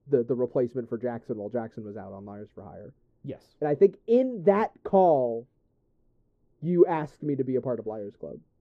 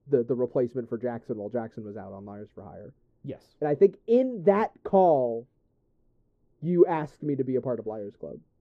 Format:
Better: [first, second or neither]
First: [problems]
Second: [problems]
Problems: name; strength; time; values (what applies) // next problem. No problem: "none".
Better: neither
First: muffled; very; fading above 1.5 kHz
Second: muffled; very; fading above 1.5 kHz